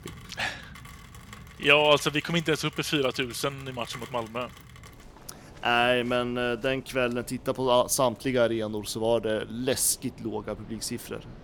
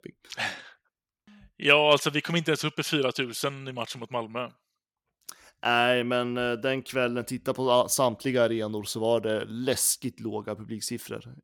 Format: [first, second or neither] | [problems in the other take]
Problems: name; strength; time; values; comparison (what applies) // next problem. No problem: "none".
second | rain or running water; faint; throughout; 20 dB below the speech